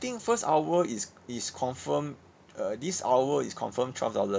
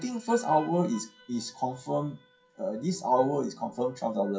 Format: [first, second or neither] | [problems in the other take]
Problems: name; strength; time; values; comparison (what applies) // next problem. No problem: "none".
first | noise reduction (classical method WPE with log-MMSE)